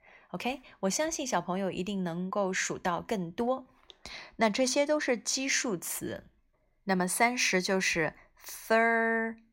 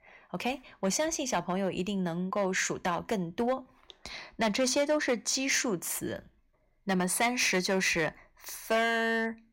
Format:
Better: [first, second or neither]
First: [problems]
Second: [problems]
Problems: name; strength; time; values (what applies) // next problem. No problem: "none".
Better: first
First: none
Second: distortion; slight; 4% of the sound clipped